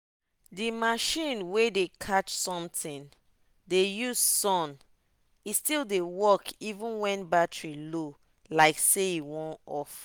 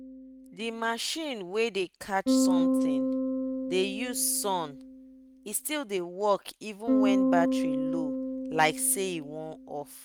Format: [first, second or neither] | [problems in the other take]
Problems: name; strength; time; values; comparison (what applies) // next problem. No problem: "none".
first | noise reduction (neural mask model RNNoise)